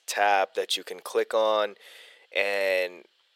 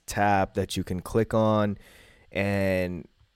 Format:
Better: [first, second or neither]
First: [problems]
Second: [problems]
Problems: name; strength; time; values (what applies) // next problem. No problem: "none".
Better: second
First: thin; very; fading below 450 Hz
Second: none